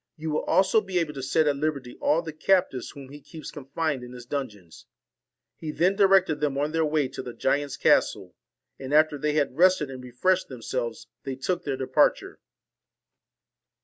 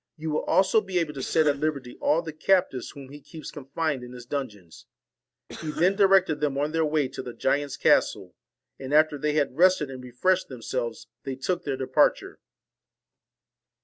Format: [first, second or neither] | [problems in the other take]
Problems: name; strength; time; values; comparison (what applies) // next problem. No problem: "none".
first | noise reduction (neural separator model SepFormer DNS4)